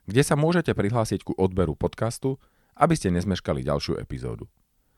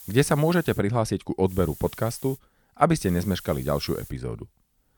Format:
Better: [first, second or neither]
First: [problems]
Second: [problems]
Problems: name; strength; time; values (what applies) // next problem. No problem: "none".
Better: first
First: none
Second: hiss; noticeable; at the start, at 1.5 s and from 3 to 4 s; 15 dB below the speech